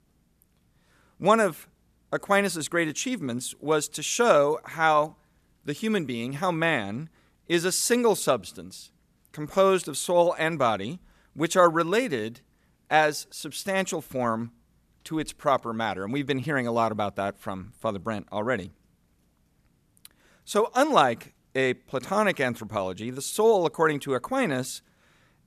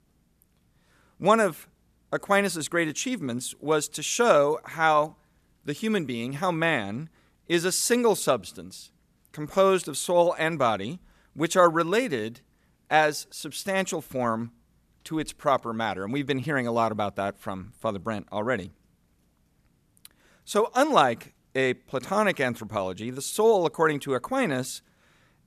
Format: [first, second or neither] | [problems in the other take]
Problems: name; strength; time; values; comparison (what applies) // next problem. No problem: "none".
neither | none